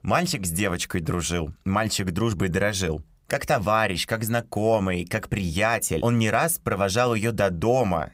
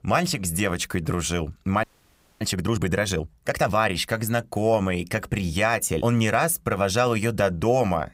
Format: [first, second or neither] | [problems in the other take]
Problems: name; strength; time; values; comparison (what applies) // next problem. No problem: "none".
first | audio freezing; at 2 s for 0.5 s